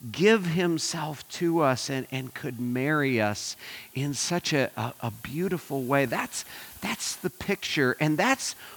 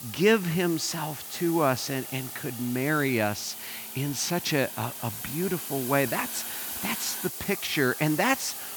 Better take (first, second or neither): first